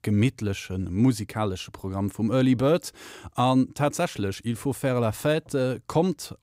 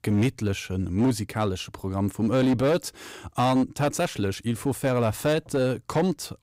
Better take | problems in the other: first | distortion; slight; 10% of the sound clipped

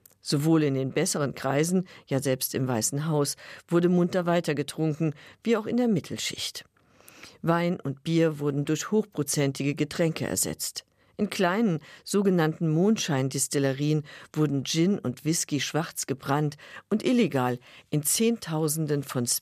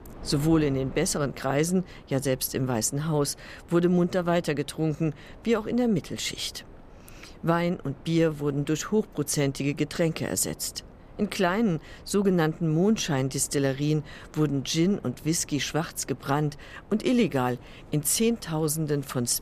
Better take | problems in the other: first | wind noise on the microphone; occasional gusts; 25 dB below the speech

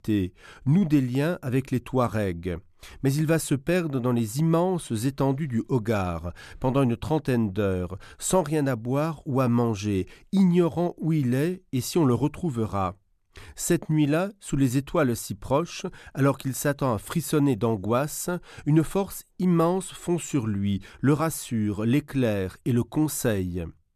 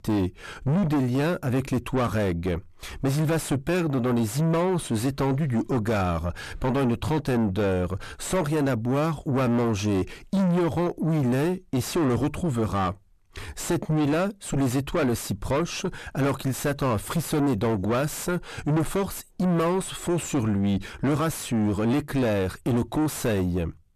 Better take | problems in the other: first | distortion; heavy; 5 dB below the speech

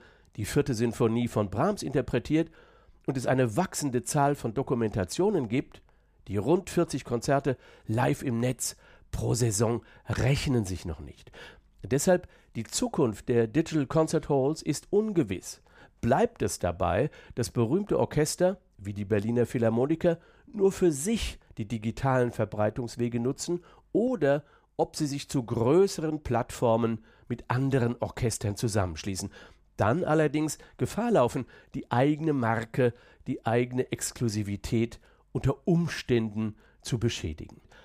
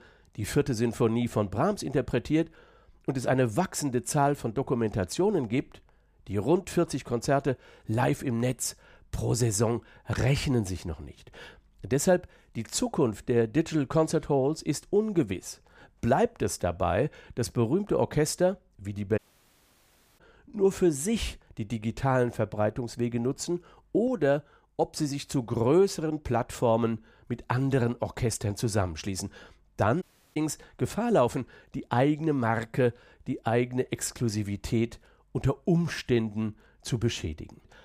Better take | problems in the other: first | audio cutting out; at 19 s for 1 s and at 30 s

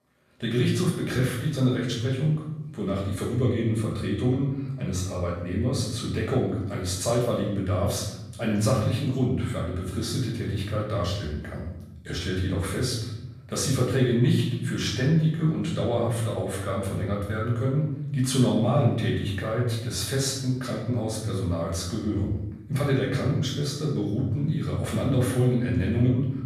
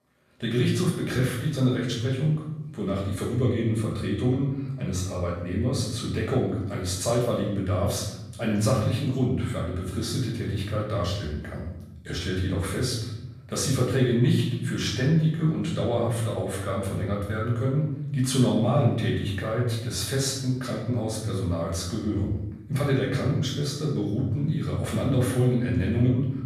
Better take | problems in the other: neither | off-mic speech; far; the same in both // room echo; noticeable; dies away in 1 s; the same in both

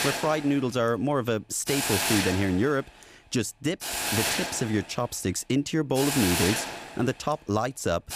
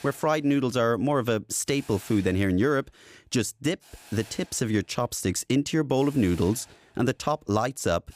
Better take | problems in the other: second | hiss; loud; throughout; 1 dB below the speech; faint in the second

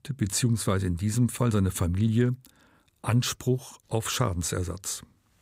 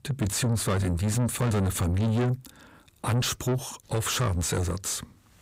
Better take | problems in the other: first | distortion; heavy; 7 dB below the speech

